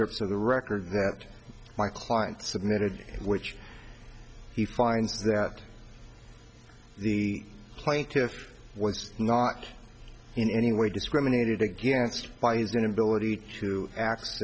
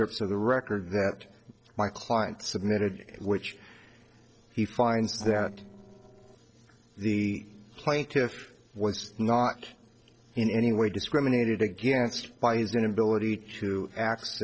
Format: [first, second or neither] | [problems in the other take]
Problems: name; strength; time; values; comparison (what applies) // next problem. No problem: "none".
first | noise reduction (neural separator model SepFormer DNS4)